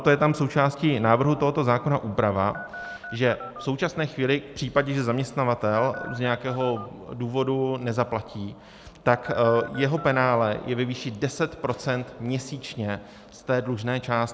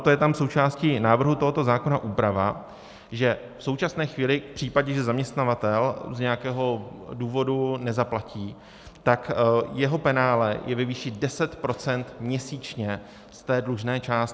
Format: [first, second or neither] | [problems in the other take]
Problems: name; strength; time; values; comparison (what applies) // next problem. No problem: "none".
second | background sound (Telephone); 13 dB below the speech